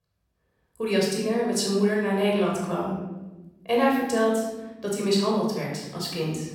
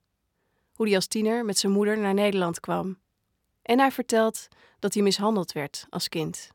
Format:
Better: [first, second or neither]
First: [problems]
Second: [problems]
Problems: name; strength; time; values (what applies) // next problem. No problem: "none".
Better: second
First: off-mic speech; far // room echo; noticeable; dies away in 1.1 s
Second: none